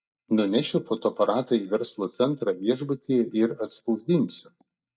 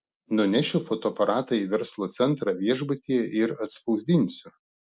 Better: second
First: noise reduction (neural mask model DeepFilterNet 3)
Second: none

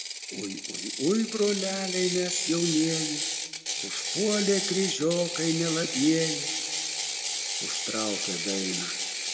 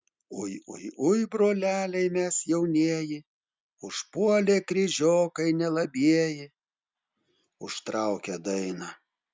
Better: second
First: background sound (Ratchet, pawl); 2 dB below the speech // room echo; dies away in 1.4 s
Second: none

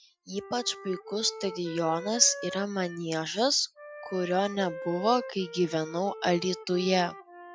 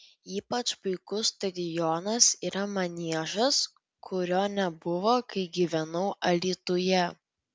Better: second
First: noise reduction (classical method Wiener filter)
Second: none

